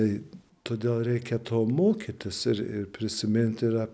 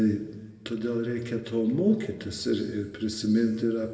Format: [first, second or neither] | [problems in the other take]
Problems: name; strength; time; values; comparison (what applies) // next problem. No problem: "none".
first | room echo; dies away in 1.6 s